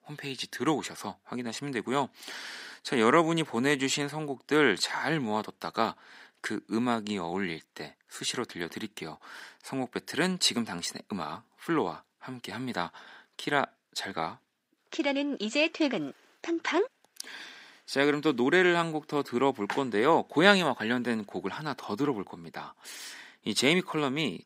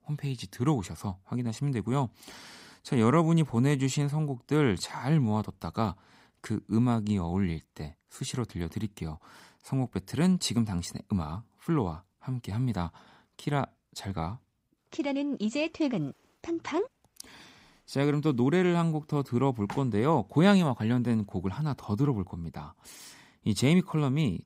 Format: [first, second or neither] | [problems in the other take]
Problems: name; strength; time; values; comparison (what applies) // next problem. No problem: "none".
second | thin; somewhat; fading below 350 Hz